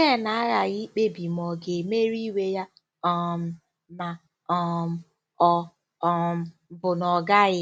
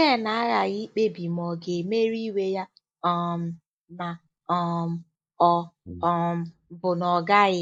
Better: first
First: none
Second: noise reduction (neural mask model Resemble Enhance denoiser)

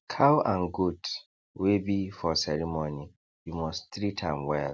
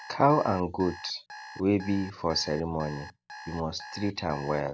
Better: first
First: none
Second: background sound (Alarm); 17 dB below the speech

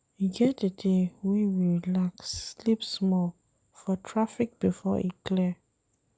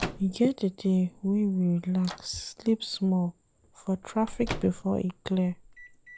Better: first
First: none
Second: background sound (Microwave oven); 14 dB below the speech

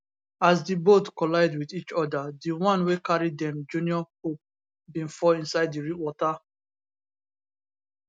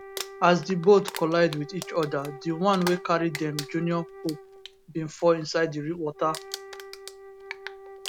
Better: first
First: none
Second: background sound (Crumpling, crinkling + Wind instrument, woodwind instrument); 14 dB below the speech

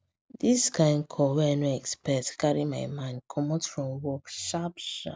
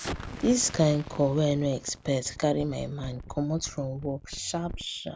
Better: first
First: none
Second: background sound (Explosion); 13 dB below the speech

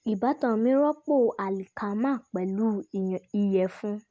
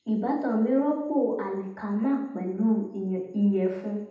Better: first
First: none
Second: room echo; dies away in 0.8 s

